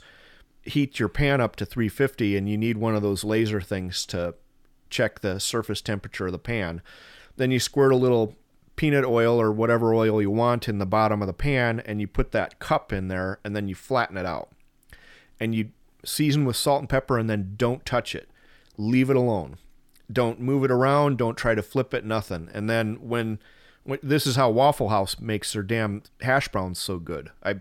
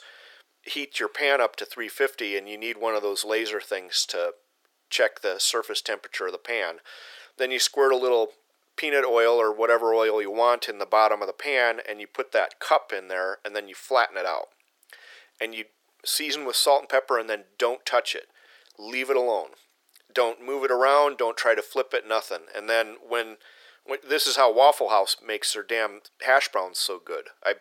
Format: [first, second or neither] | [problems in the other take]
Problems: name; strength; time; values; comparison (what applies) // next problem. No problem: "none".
first | thin; very; fading below 450 Hz